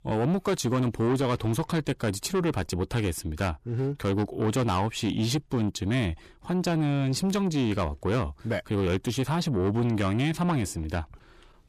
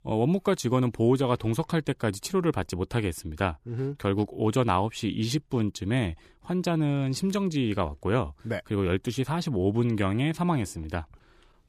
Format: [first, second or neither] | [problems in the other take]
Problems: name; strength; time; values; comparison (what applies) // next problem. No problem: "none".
second | distortion; slight; 10 dB below the speech